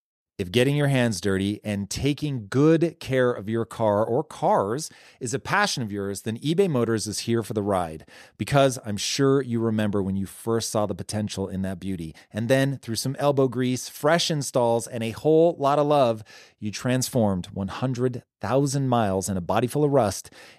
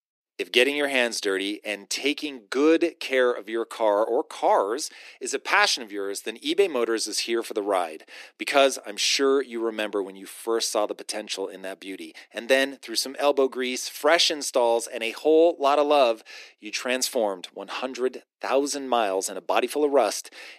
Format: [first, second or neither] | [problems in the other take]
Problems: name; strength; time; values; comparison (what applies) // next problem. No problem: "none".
first | thin; somewhat; fading below 300 Hz